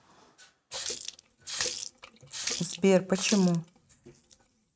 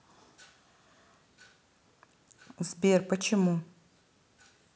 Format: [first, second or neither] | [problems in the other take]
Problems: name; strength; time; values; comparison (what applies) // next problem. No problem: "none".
second | noise reduction (neural mask model RNNoise)